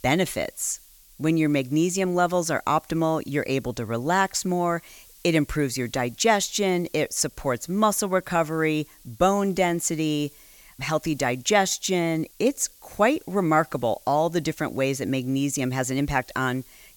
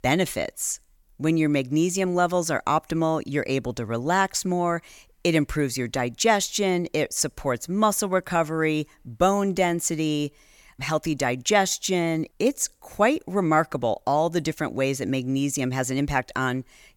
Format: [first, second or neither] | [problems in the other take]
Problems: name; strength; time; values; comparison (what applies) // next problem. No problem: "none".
second | hiss; faint; throughout; 25 dB below the speech